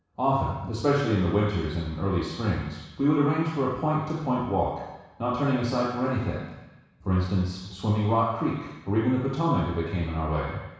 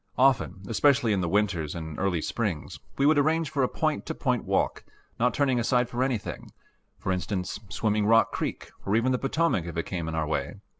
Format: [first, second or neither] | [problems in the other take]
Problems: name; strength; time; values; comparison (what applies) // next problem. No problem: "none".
second | room echo; dies away in 1.1 s